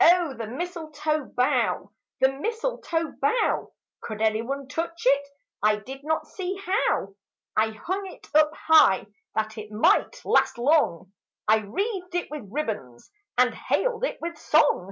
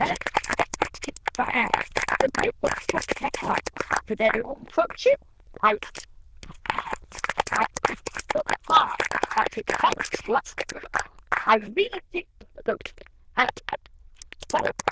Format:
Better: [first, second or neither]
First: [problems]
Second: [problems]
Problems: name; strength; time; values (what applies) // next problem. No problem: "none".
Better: first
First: none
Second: noise reduction (neural diffusion model UNIVERSE++)